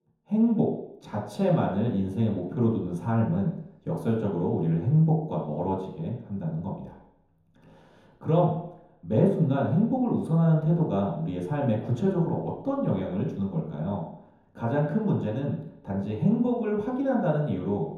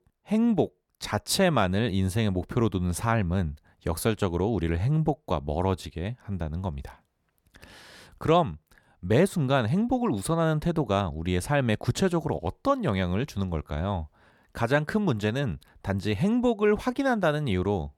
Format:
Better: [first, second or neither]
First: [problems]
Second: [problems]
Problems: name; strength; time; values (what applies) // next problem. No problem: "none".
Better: second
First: room echo; noticeable; dies away in 3 s // off-mic speech; far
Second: none